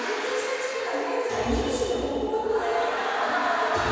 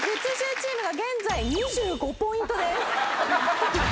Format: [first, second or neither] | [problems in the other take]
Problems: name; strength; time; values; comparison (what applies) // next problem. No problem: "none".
second | room echo; dies away in 1.9 s